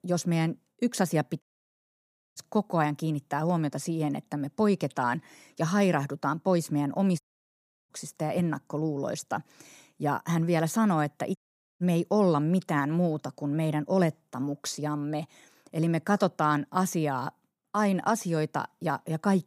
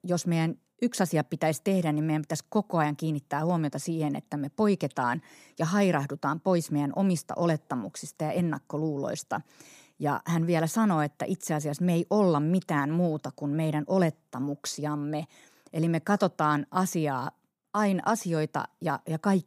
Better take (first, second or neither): second